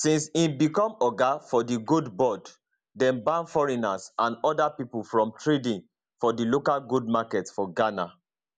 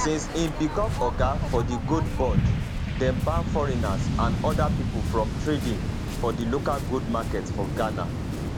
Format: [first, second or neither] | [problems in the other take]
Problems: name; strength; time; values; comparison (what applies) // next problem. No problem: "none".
first | background sound (Waves, surf); 2 dB above the speech